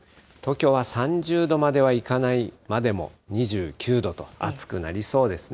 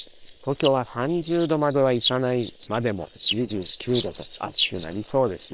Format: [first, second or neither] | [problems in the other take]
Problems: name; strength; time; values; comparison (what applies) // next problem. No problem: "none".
first | noise reduction (neural separator model SepFormer WHAM!)